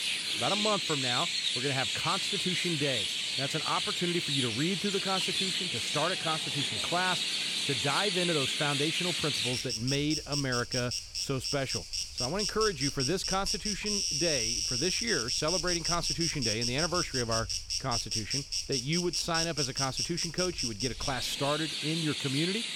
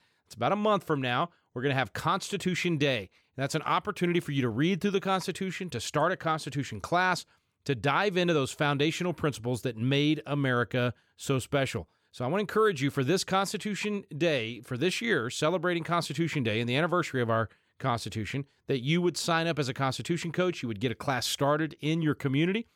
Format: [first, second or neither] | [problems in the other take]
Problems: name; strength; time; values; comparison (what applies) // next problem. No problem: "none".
second | animal sounds; very loud; throughout; 3 dB above the speech